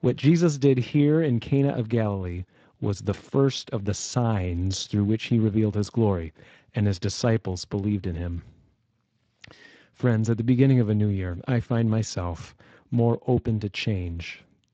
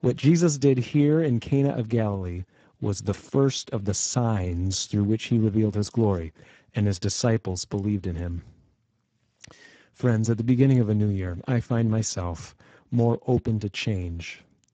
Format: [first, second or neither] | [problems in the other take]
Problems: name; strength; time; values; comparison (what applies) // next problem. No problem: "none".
first | garbled, watery; badly; nothing above 7.5 kHz; slightly in the first